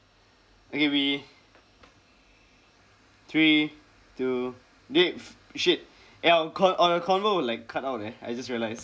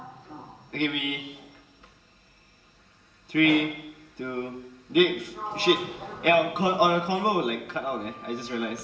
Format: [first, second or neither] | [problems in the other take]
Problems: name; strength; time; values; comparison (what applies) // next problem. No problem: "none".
first | background sound (Sliding door); 15 dB below the speech // room echo; dies away in 1.1 s